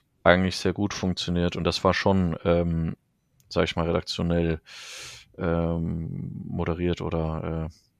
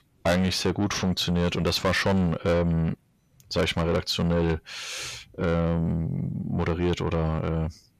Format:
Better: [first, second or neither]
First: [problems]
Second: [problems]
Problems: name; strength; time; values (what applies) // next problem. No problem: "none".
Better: first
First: none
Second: distortion; heavy; 7 dB below the speech